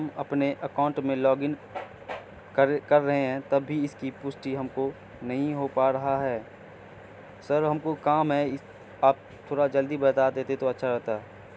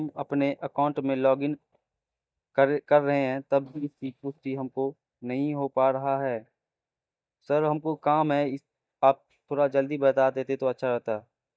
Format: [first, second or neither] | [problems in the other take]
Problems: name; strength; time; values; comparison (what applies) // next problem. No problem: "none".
first | noise reduction (neural mask model DeepFilterNet 3)